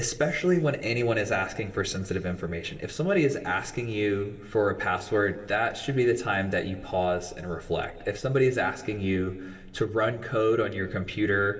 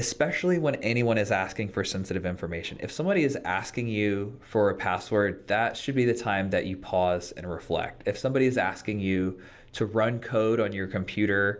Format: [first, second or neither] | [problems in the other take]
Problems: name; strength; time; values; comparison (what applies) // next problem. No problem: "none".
second | room echo; dies away in 1.8 s